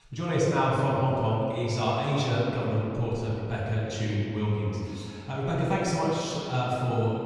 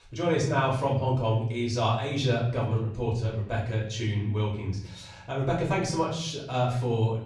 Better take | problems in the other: second | room echo; strong; dies away in 2.3 s; slight in the second // off-mic speech; far; far in the second

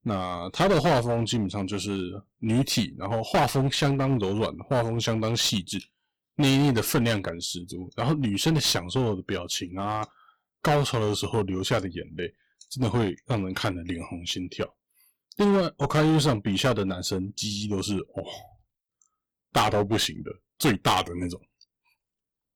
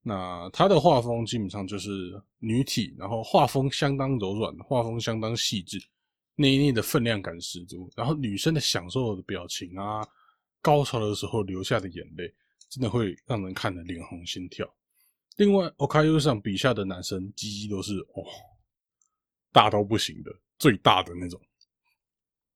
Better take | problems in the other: second | distortion; heavy; 8% of the sound clipped

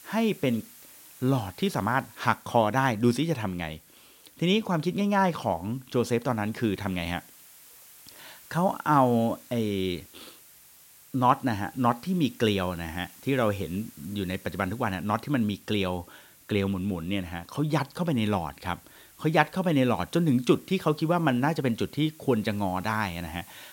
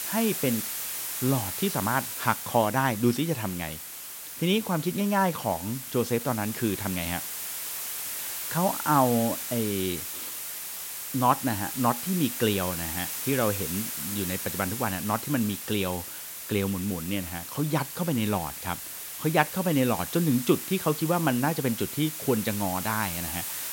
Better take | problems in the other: first | hiss; loud; throughout; 5 dB below the speech; faint in the first

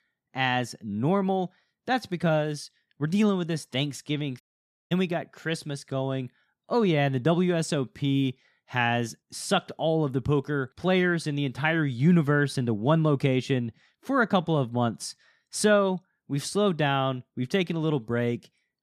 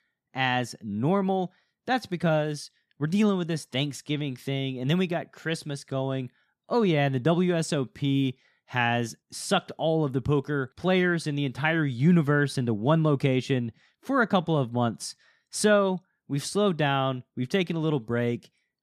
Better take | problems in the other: second | audio cutting out; at 4.5 s for 0.5 s

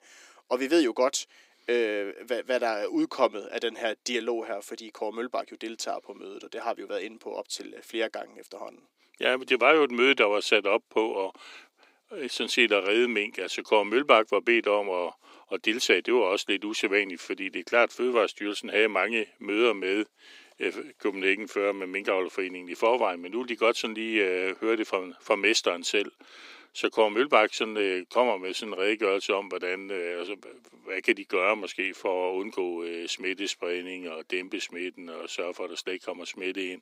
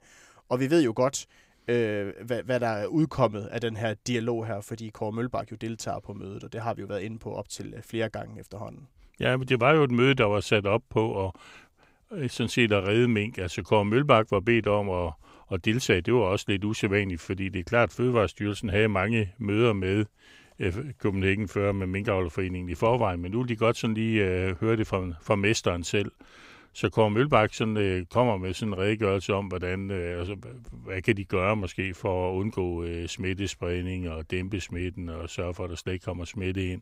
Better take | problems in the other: second | thin; somewhat; fading below 300 Hz

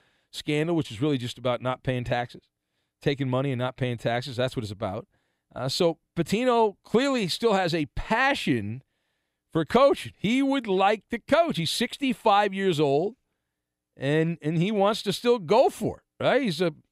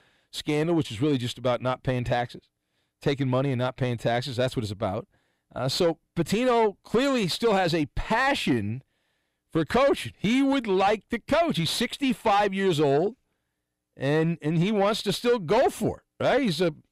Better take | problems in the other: first | distortion; slight; 10 dB below the speech

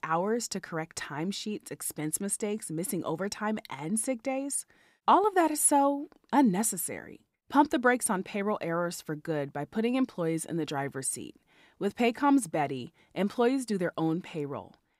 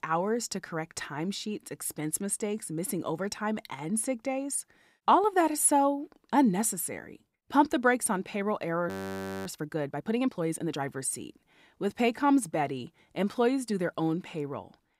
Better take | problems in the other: first | audio freezing; at 9 s for 0.5 s

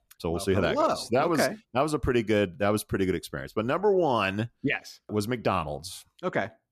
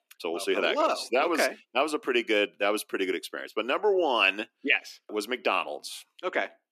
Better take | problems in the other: first | thin; somewhat; fading below 300 Hz

